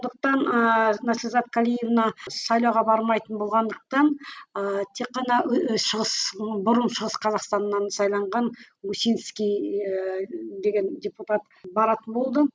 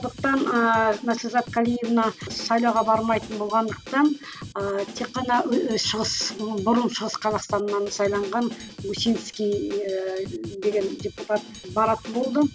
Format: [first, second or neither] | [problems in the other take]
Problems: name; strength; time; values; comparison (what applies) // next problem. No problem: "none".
first | background sound (Drum kit); 15 dB below the speech